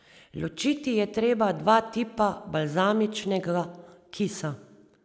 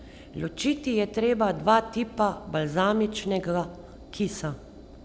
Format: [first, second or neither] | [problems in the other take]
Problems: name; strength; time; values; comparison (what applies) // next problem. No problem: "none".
first | background sound (Engine); 19 dB below the speech